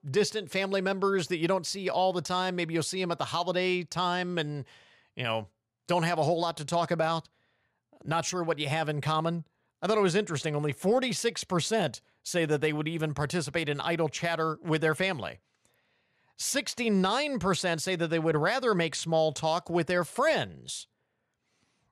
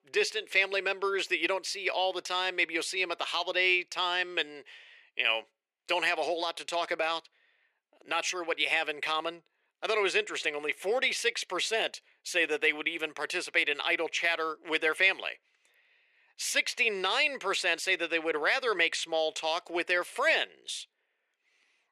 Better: first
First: none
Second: thin; very; fading below 350 Hz

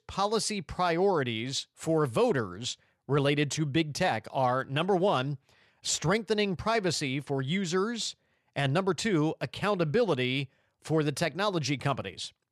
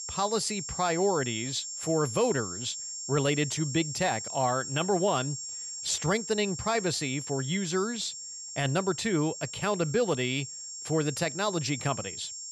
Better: first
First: none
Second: high-pitched whine; loud; throughout; 7.5 kHz, 7 dB below the speech

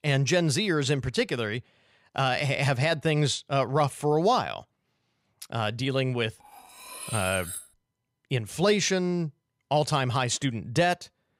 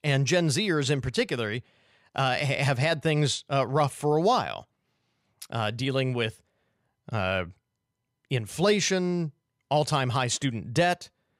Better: second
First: clattering dishes; noticeable; from 6.5 to 7.5 s; peak 7 dB below the speech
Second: none

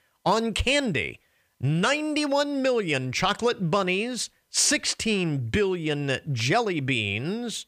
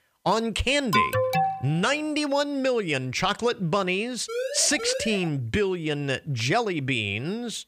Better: first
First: none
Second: alarm; loud; at 1 s; peak 2 dB above the speech // siren; noticeable; from 4.5 to 5.5 s; peak 5 dB below the speech

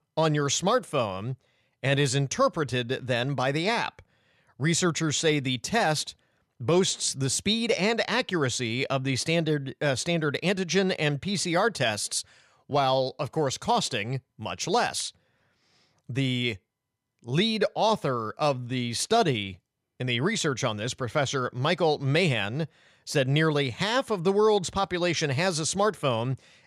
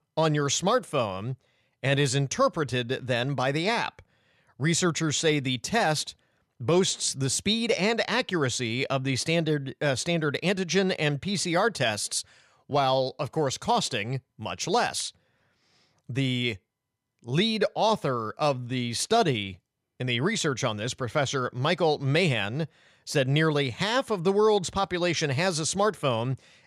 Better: neither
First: none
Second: none

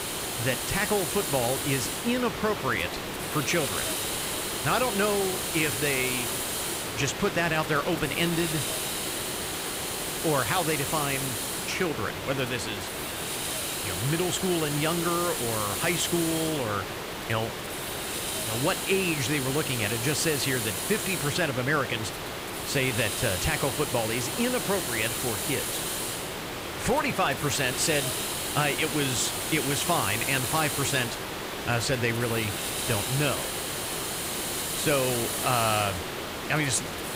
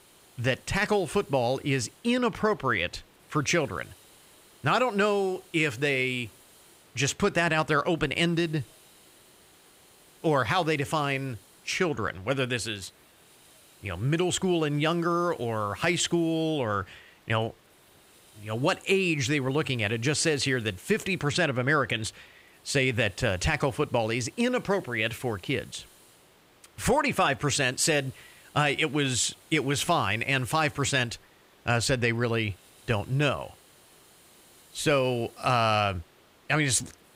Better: second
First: hiss; loud; throughout; 2 dB below the speech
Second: hiss; faint; throughout; 30 dB below the speech

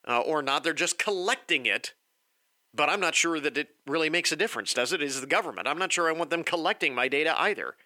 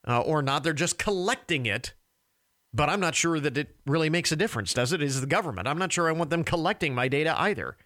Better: second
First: thin; somewhat; fading below 300 Hz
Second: none

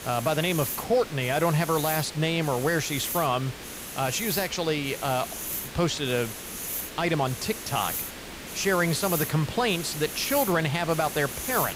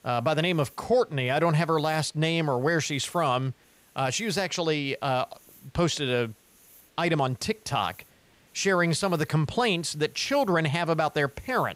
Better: second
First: hiss; loud; throughout; 7 dB below the speech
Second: hiss; faint; throughout; 30 dB below the speech

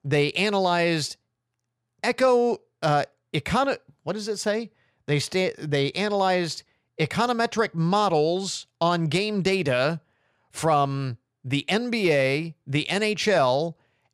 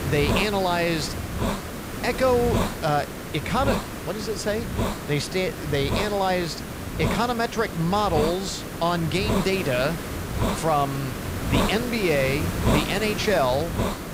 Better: first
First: none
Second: hiss; loud; throughout; 4 dB below the speech

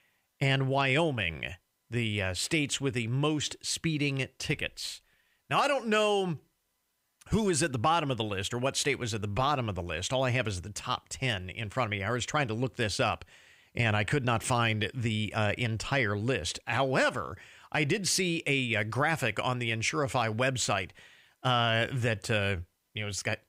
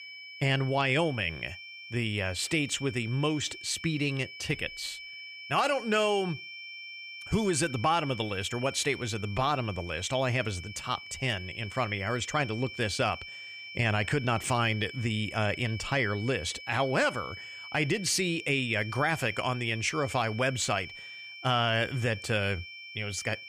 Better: first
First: none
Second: high-pitched whine; noticeable; throughout; 2.5 kHz, 10 dB below the speech

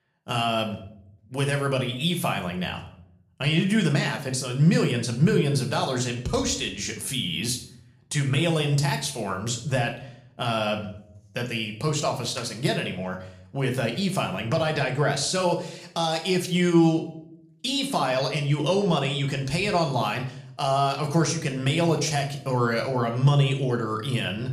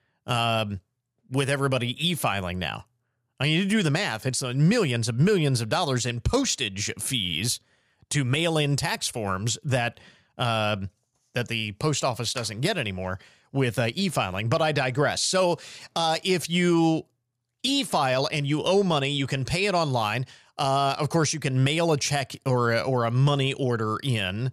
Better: second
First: room echo; slight; dies away in 0.5 s // off-mic speech; somewhat distant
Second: none

